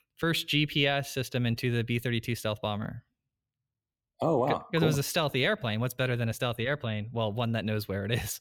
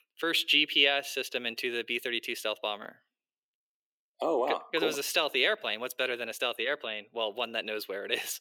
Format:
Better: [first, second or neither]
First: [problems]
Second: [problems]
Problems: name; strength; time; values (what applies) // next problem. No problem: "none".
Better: first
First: none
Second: thin; very; fading below 350 Hz